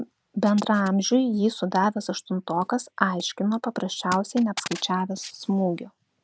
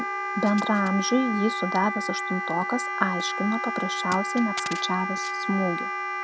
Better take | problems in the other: first | background sound (Wind instrument, woodwind instrument); 3 dB below the speech

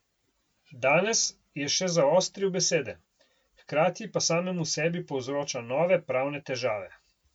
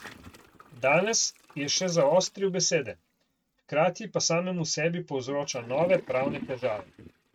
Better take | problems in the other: first | noise reduction (neural mask model RNNoise)

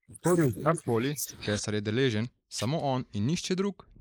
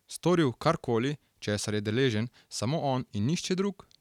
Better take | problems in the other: second | noise reduction (neural mask model Resemble Enhance denoiser)

